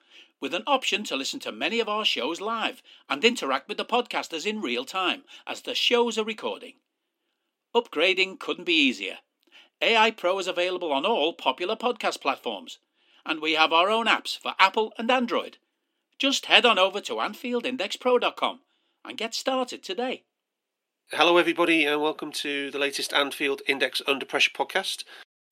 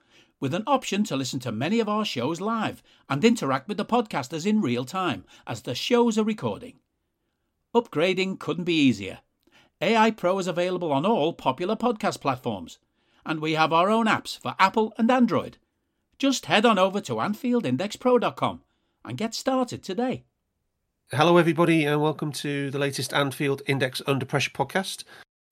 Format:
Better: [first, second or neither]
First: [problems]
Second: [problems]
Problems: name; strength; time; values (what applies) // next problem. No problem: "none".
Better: second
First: thin; somewhat; fading below 300 Hz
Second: none